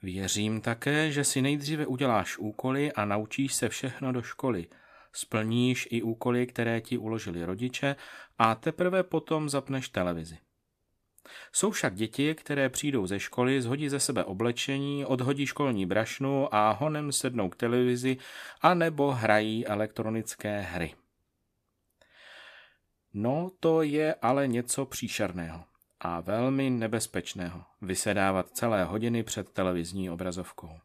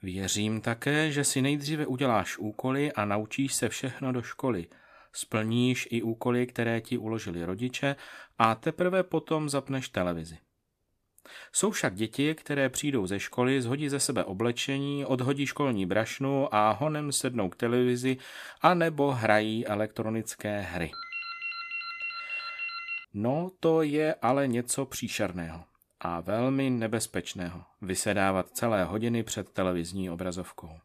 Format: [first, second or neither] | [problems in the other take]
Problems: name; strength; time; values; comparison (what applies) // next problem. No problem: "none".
first | phone ringing; noticeable; from 21 to 23 s; peak 4 dB below the speech